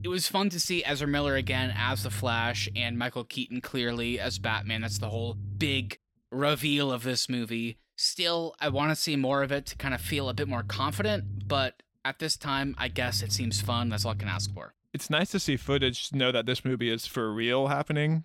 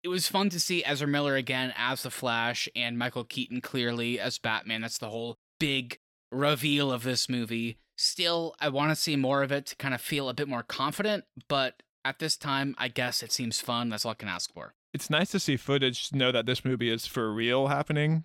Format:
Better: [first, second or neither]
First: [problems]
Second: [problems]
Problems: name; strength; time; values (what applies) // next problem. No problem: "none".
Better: second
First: low rumble; faint; until 6.5 s and from 8.5 to 16 s; 20 dB below the speech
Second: none